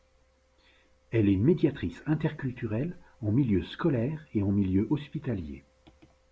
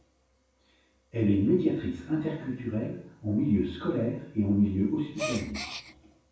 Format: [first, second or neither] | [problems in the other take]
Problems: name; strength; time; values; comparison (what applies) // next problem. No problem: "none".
first | background sound (Gasp); 8 dB below the speech // room echo; dies away in 0.6 s